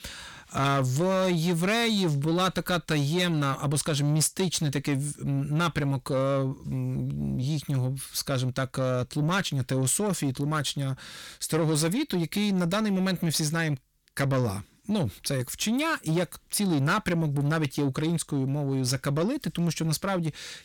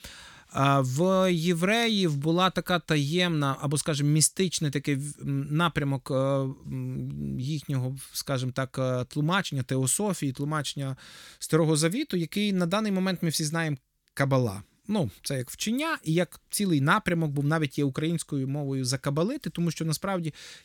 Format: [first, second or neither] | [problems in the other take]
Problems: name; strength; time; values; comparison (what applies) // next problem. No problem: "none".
second | distortion; slight; 10 dB below the speech